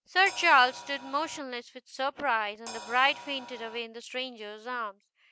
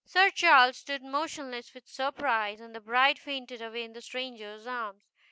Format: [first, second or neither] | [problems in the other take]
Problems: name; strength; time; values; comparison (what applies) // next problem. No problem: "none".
second | background sound (Crash cymbal); 15 dB below the speech